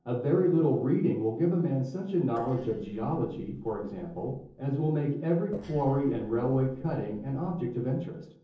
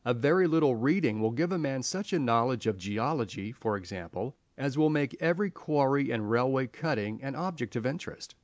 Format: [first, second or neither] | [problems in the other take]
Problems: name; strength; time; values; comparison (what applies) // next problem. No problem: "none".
second | noise reduction (neural separator model SepFormer DNS4)